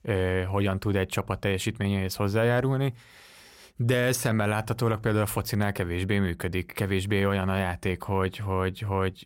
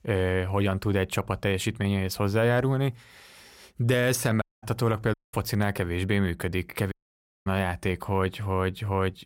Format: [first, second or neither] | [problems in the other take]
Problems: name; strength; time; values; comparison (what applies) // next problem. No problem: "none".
first | audio cutting out; at 4.5 s, at 5 s and at 7 s for 0.5 s